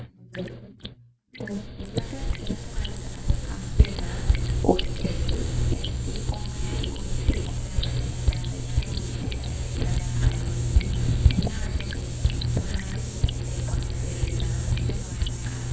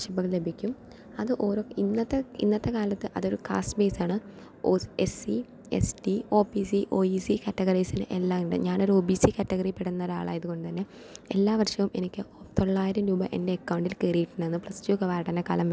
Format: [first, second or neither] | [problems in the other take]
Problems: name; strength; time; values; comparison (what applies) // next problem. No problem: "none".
second | noise reduction (neural mask model DeepFilterNet 3)